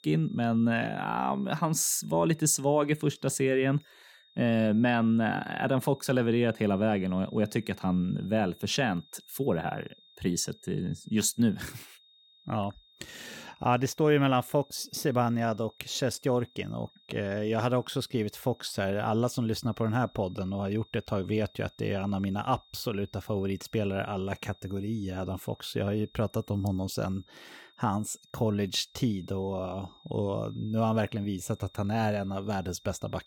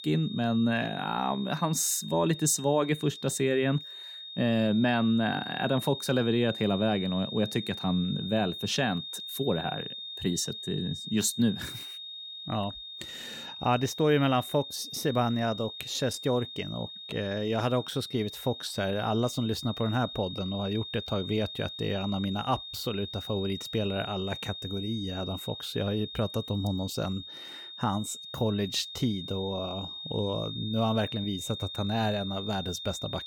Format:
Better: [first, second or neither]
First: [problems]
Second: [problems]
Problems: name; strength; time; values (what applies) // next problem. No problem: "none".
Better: first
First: high-pitched whine; faint; throughout; 3.5 kHz, 30 dB below the speech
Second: high-pitched whine; loud; throughout; 3.5 kHz, 9 dB below the speech